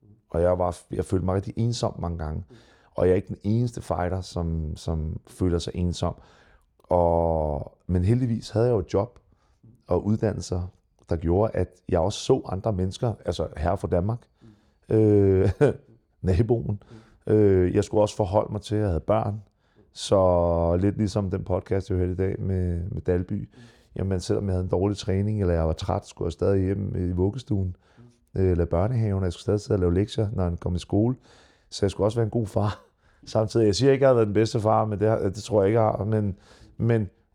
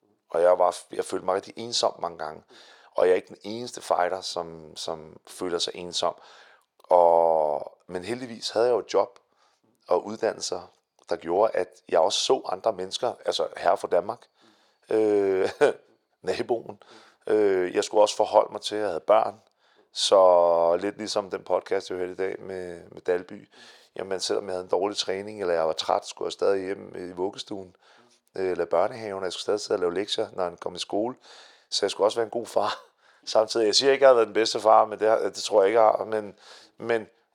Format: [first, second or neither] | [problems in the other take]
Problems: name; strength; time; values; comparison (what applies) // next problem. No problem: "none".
first | thin; very; fading below 650 Hz